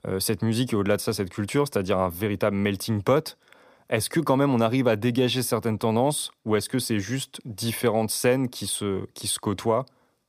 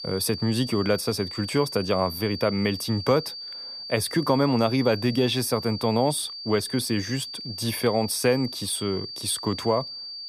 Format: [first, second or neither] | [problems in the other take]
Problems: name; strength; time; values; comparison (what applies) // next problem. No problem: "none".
first | high-pitched whine; loud; throughout; 4.5 kHz, 9 dB below the speech